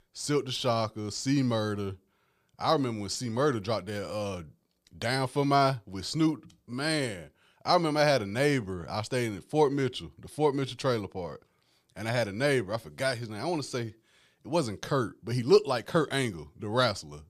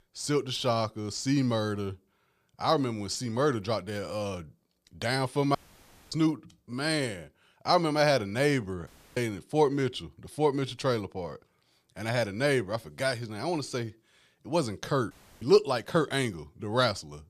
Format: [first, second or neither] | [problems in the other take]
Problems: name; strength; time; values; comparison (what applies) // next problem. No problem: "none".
first | audio cutting out; at 5.5 s for 0.5 s, at 9 s and at 15 s